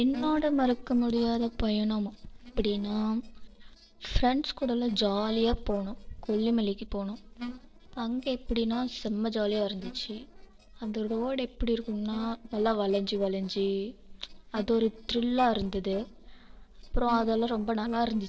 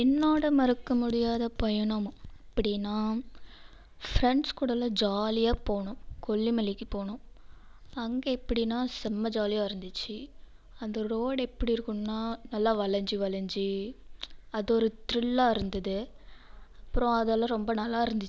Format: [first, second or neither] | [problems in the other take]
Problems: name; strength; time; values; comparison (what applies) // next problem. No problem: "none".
second | noise reduction (neural separator model SepFormer DNS4)